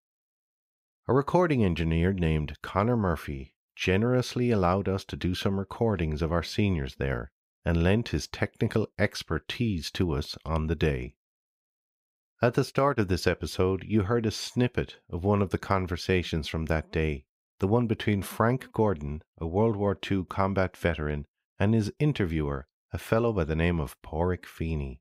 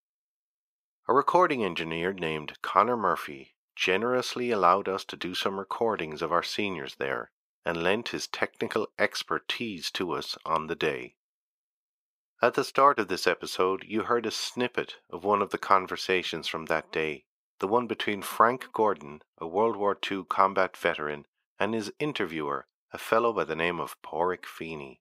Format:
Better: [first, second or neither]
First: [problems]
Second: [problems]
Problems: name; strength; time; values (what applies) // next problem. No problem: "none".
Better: first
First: none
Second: thin; somewhat; fading below 350 Hz